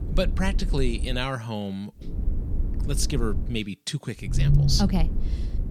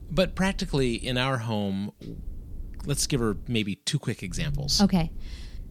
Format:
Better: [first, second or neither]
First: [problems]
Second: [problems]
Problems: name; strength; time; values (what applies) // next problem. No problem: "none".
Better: second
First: low rumble; loud; until 1 s, from 2 to 3.5 s and from 4.5 s on; 9 dB below the speech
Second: low rumble; faint; until 1 s, from 2 to 3.5 s and from 4.5 s on; 25 dB below the speech